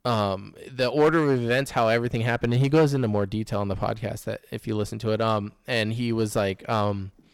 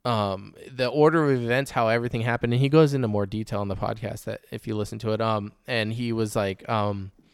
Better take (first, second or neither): second